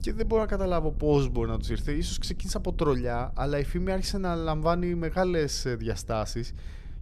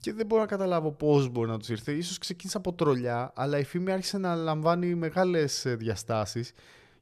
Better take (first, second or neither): second